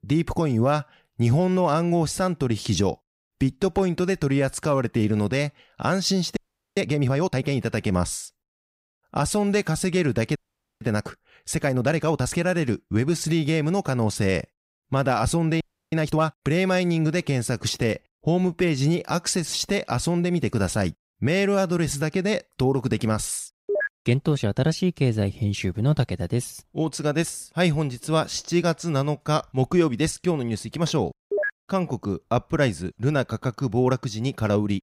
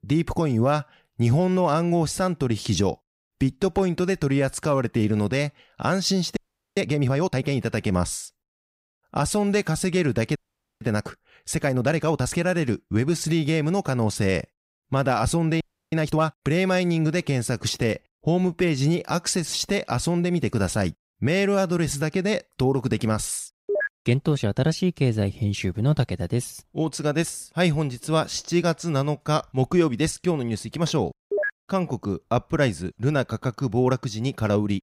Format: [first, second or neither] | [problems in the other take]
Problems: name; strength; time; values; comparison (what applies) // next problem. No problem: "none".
neither | audio freezing; at 6.5 s, at 10 s and at 16 s; the same in both